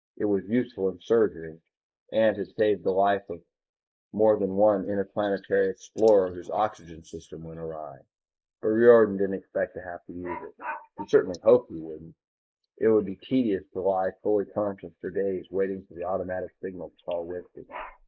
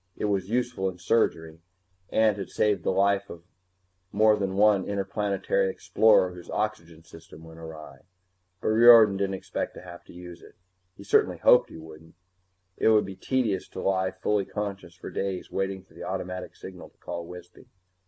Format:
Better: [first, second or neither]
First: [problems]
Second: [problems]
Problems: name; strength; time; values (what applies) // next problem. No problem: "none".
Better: second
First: noise reduction (neural mask model Resemble Enhance denoiser)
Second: none